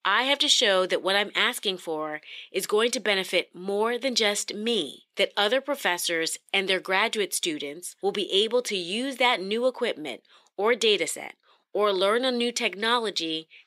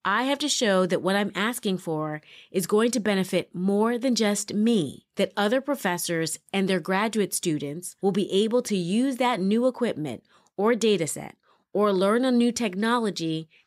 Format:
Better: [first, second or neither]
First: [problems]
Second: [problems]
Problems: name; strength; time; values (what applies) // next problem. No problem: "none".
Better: second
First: thin; somewhat; fading below 400 Hz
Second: none